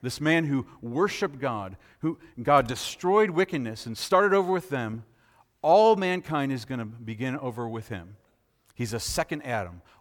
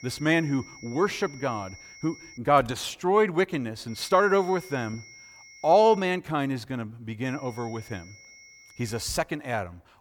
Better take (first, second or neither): first